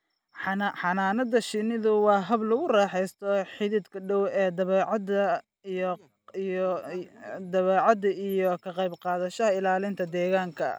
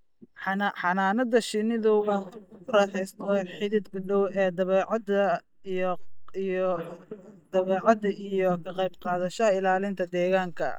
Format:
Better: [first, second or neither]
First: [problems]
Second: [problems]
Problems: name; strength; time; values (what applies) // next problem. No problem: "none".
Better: first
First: none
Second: noise reduction (neural mask model DeepFilterNet 3)